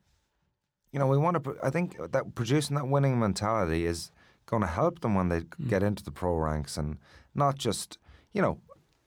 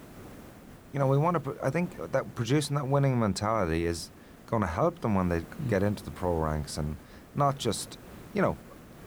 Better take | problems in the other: first | hiss; noticeable; throughout; 20 dB below the speech

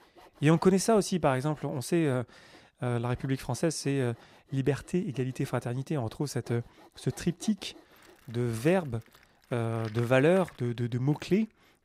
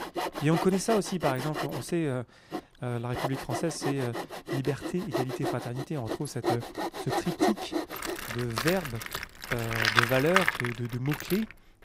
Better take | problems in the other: first | machinery noise; loud; throughout; 1 dB below the speech; faint in the first

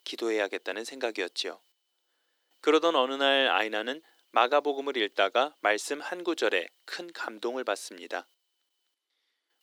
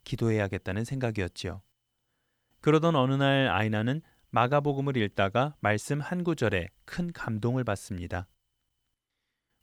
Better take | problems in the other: second | thin; very; fading below 300 Hz

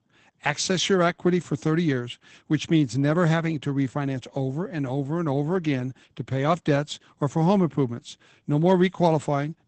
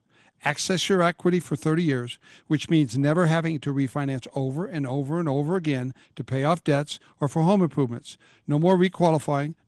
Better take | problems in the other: second | garbled, watery; badly; nothing above 8 kHz; slightly in the second

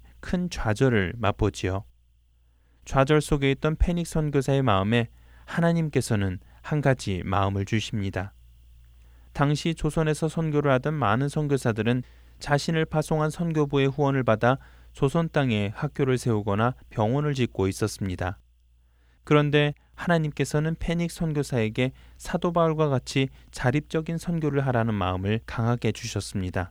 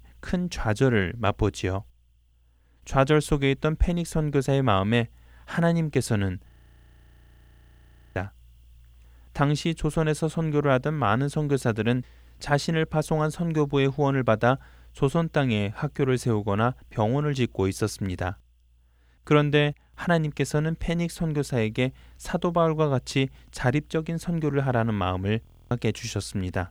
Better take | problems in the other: first | audio freezing; at 6.5 s for 1.5 s and at 25 s

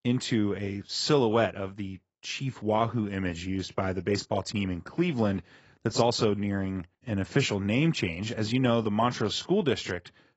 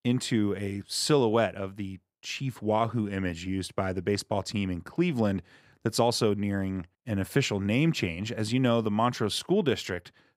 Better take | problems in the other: second | garbled, watery; badly; nothing above 7.5 kHz

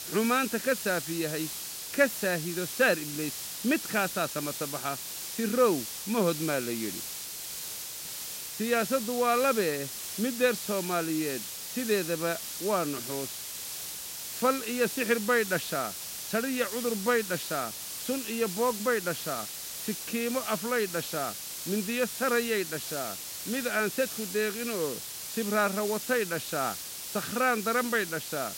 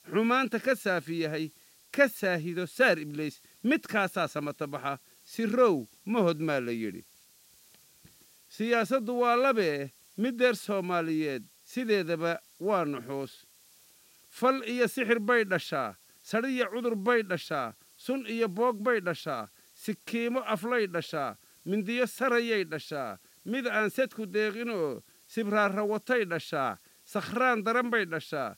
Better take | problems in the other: second | hiss; loud; throughout; 5 dB below the speech; faint in the second

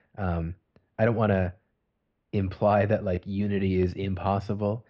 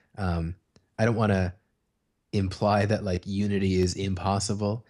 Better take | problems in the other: second | muffled; very; fading above 3 kHz

